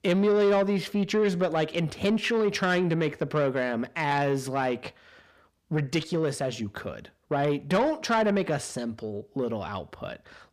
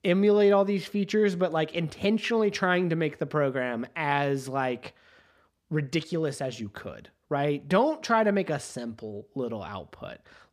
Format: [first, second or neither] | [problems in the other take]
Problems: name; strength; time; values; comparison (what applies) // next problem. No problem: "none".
second | distortion; slight; 10 dB below the speech